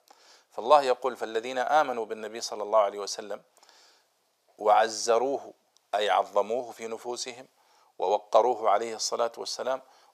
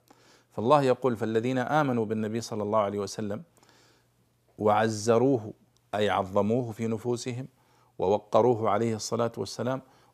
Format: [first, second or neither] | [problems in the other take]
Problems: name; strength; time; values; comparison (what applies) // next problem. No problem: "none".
second | thin; very; fading below 600 Hz